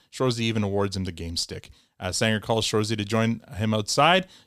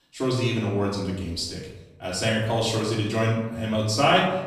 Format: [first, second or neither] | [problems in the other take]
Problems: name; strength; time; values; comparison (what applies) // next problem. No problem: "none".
first | off-mic speech; far // room echo; noticeable; dies away in 0.8 s